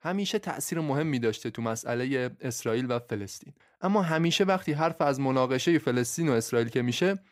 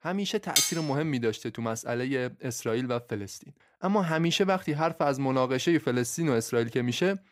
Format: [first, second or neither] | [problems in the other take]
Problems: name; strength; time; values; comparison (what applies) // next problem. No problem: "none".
first | clattering dishes; loud; at 0.5 s; peak 4 dB above the speech